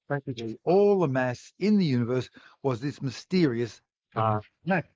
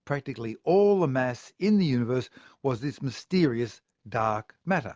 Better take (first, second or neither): second